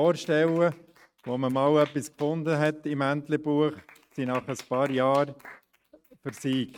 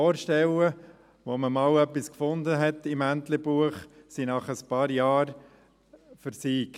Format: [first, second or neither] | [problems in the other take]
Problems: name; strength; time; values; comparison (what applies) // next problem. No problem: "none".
second | noise reduction (neural mask model RNNoise)